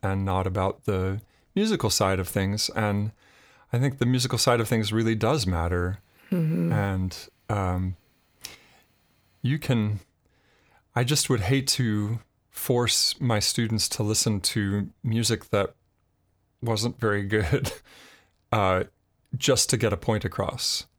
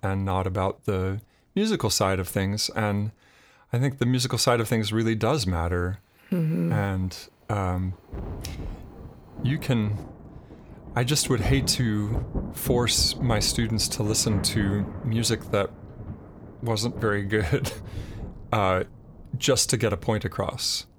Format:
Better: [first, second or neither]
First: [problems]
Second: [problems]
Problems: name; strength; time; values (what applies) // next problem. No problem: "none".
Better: first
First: none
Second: rain or running water; noticeable; throughout; 10 dB below the speech